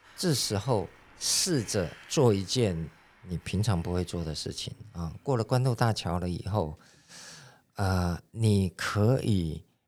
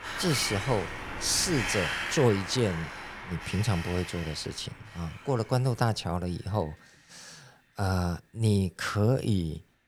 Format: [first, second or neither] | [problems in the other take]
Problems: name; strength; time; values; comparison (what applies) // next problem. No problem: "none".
first | wind in the background; loud; throughout; 5 dB below the speech; faint in the first